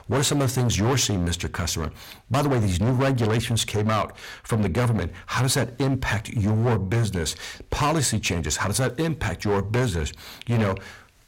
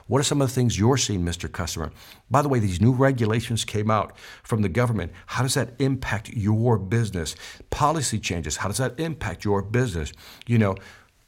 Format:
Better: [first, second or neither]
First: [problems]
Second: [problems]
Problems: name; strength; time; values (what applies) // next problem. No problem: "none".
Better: second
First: distortion; heavy; 16% of the sound clipped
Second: none